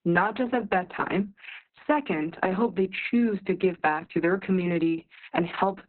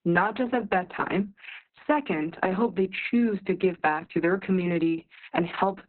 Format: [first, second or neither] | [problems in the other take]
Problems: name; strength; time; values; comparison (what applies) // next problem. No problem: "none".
neither | garbled, watery; badly; nothing above 4 kHz; the same in both